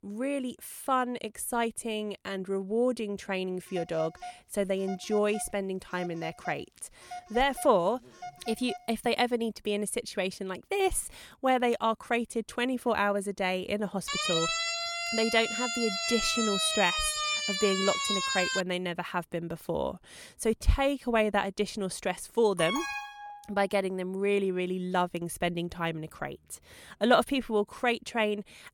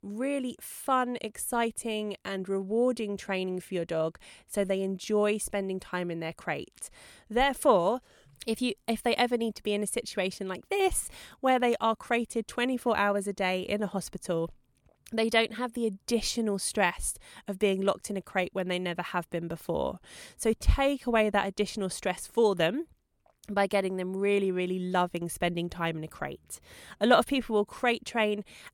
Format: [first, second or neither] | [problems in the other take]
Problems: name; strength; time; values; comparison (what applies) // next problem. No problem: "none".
second | phone ringing; faint; from 3.5 to 9 s; peak 10 dB below the speech // siren; loud; from 14 to 19 s; peak 3 dB above the speech // alarm; noticeable; at 23 s; peak 2 dB below the speech